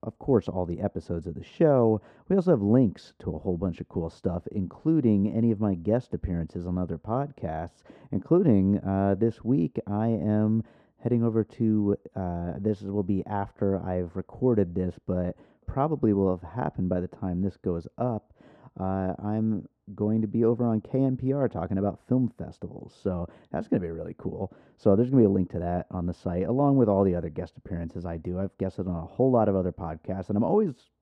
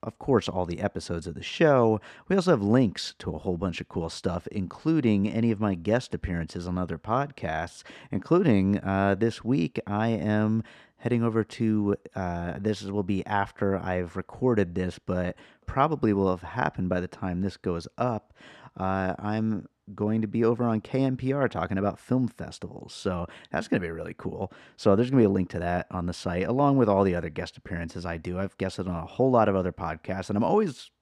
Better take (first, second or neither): second